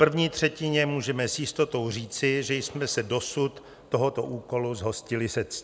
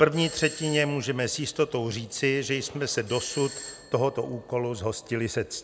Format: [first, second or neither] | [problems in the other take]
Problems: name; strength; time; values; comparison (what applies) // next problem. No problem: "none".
first | background sound (Doorbell); 16 dB below the speech